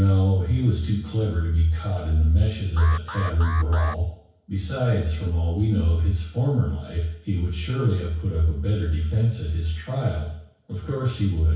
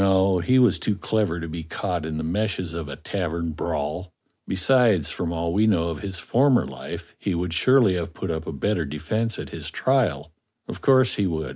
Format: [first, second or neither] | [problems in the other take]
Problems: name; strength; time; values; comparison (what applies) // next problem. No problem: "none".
second | background sound (Alarm); 13 dB below the speech // room echo; dies away in 0.6 s